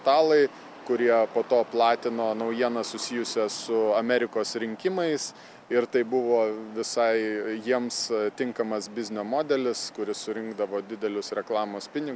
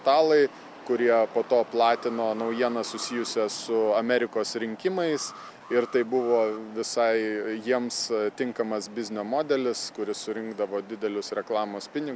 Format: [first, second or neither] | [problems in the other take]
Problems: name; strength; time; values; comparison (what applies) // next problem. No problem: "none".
first | background sound (Alarm); 19 dB below the speech